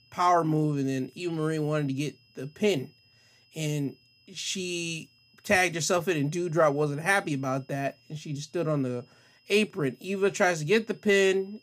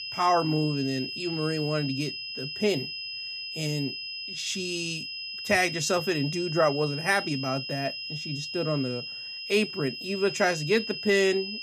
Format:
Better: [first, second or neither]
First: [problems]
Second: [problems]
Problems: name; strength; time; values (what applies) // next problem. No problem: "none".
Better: first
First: high-pitched whine; faint; throughout; 5 kHz, 35 dB below the speech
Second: high-pitched whine; loud; throughout; 5 kHz, 6 dB below the speech